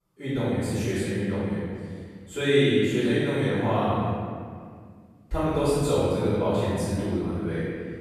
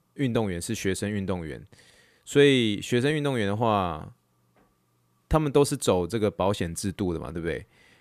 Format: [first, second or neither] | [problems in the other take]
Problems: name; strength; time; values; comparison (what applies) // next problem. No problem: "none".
second | off-mic speech; far // room echo; strong; dies away in 1.9 s